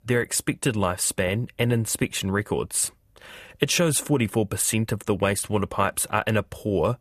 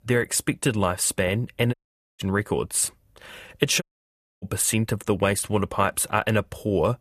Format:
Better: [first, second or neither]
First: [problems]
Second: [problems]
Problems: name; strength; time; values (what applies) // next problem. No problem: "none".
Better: first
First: none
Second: audio cutting out; at 1.5 s and at 4 s for 0.5 s